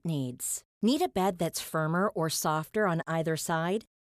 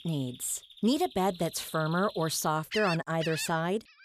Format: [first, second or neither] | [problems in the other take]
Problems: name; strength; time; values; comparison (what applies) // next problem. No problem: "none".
first | animal sounds; noticeable; throughout; 10 dB below the speech